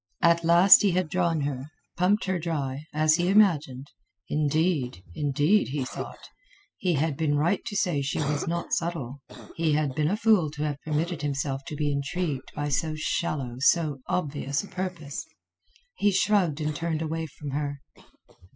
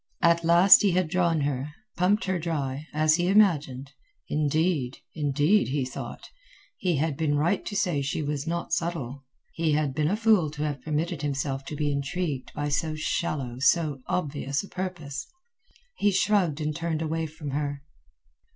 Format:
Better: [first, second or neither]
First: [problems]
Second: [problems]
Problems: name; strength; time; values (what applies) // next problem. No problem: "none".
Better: second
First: noise reduction (classical method spectral subtraction)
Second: none